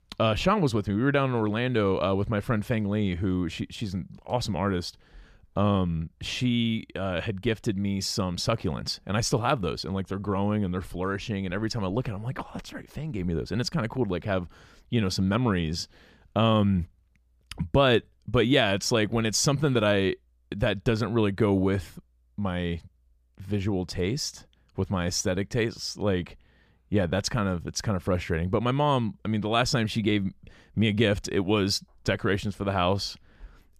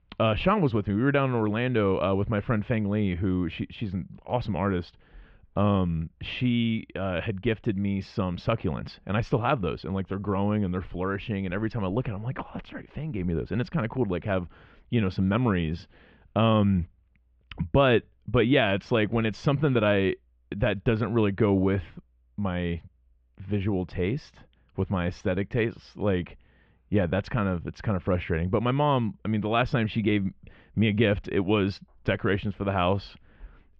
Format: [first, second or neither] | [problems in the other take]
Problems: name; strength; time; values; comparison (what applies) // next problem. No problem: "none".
first | muffled; very; fading above 3 kHz